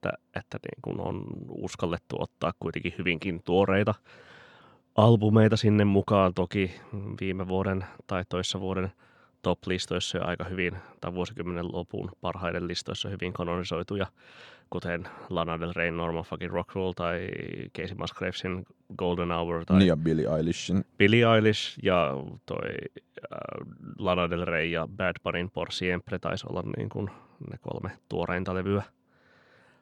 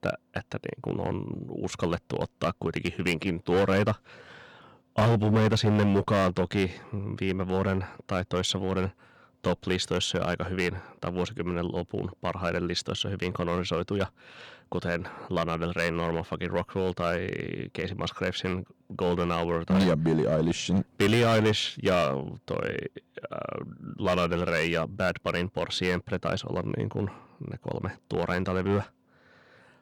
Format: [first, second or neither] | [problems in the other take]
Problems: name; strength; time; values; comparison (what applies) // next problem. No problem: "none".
first | distortion; heavy; 5% of the sound clipped